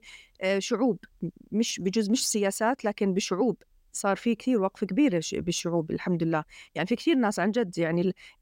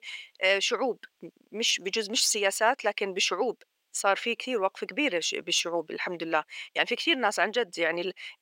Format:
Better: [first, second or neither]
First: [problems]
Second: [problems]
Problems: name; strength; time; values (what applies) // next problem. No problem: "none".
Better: first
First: none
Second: thin; very; fading below 550 Hz